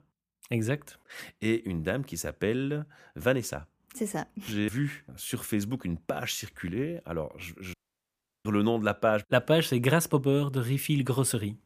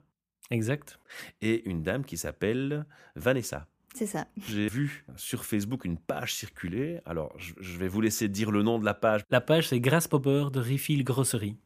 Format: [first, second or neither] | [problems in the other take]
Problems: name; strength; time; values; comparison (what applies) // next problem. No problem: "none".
second | audio cutting out; at 7.5 s for 0.5 s